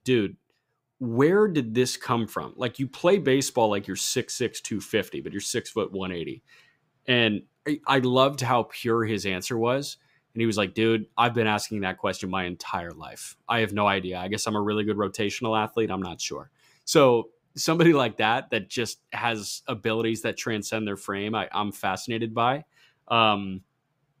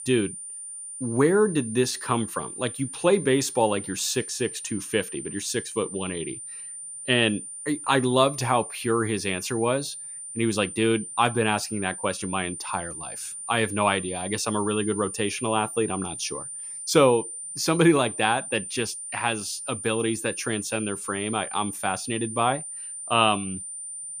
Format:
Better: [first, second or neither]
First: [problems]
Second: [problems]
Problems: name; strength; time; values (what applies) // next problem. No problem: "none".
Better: first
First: none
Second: high-pitched whine; loud; throughout; 9 kHz, 9 dB below the speech